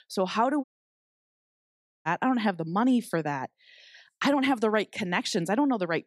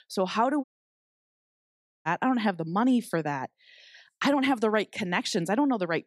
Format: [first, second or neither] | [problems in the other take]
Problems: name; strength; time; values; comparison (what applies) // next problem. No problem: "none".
neither | audio cutting out; at 0.5 s for 1.5 s; the same in both